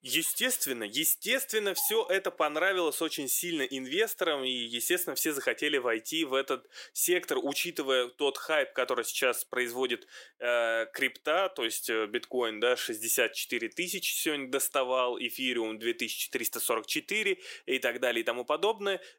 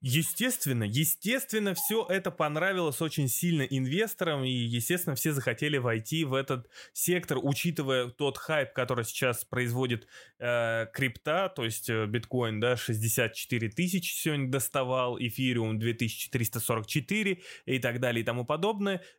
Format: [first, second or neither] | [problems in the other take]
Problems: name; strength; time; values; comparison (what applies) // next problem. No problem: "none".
second | thin; somewhat; fading below 350 Hz